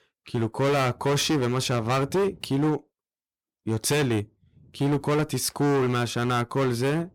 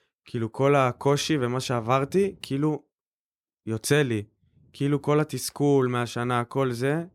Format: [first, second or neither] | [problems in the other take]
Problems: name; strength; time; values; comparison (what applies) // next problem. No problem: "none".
second | distortion; heavy; 17% of the sound clipped